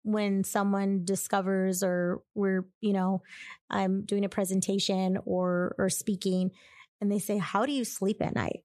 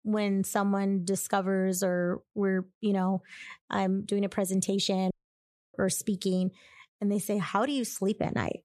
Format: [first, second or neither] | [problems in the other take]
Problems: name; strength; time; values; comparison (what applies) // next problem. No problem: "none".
first | audio cutting out; at 5 s for 0.5 s